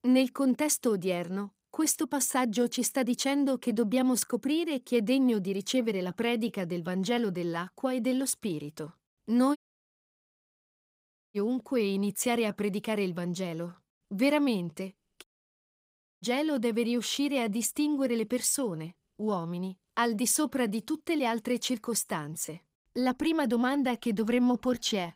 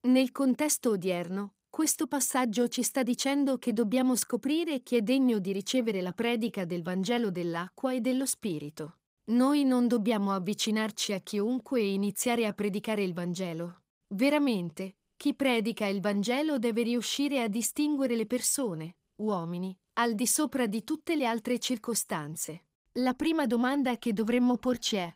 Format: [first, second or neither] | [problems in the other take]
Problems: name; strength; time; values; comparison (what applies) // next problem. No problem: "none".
second | audio cutting out; at 9.5 s for 2 s and at 15 s for 1 s